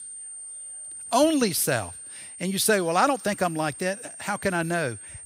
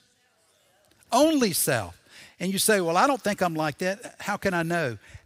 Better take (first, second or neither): second